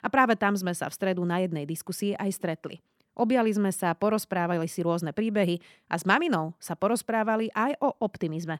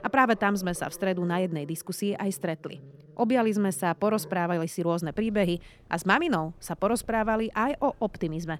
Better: first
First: none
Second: animal sounds; faint; throughout; 25 dB below the speech

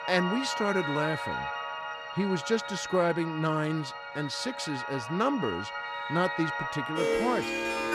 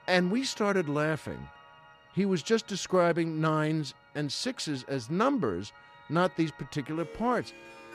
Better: second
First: background music; loud; throughout; 3 dB below the speech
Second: background music; faint; throughout; 20 dB below the speech

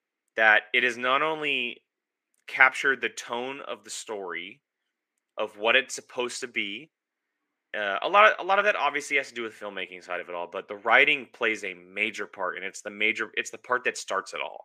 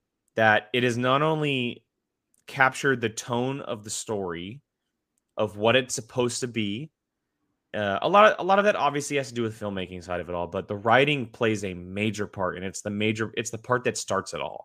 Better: second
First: thin; somewhat; fading below 350 Hz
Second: none

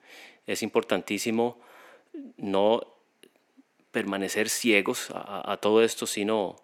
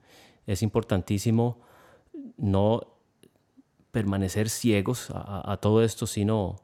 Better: second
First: thin; somewhat; fading below 250 Hz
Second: none

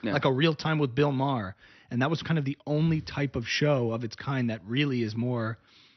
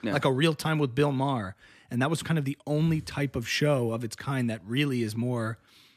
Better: second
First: garbled, watery; slightly; nothing above 6 kHz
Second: none

